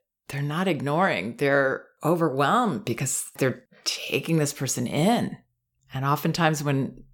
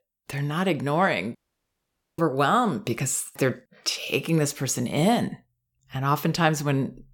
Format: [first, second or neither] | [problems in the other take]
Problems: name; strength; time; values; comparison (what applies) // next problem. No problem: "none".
first | audio cutting out; at 1.5 s for 1 s